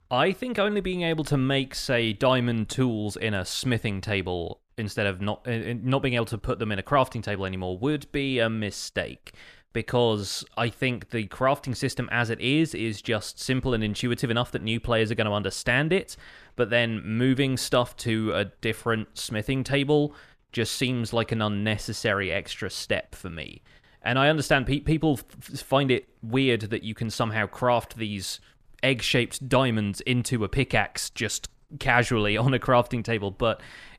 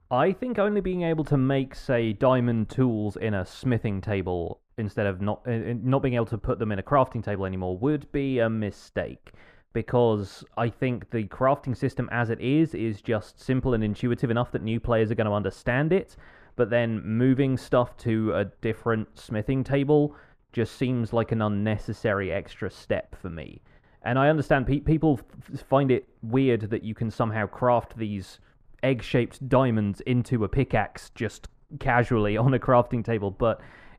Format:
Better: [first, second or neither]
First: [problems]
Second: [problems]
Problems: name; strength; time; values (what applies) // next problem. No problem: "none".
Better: first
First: none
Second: muffled; very; fading above 2 kHz